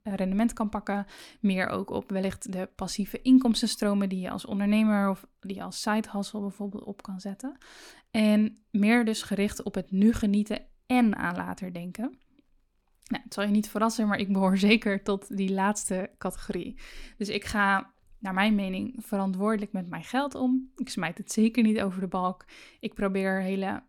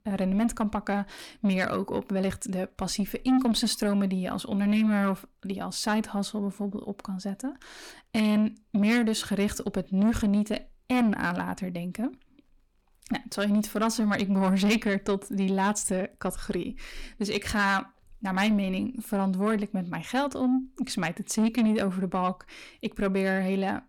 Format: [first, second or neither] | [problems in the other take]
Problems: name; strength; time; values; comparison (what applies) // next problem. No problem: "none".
first | distortion; slight; 10 dB below the speech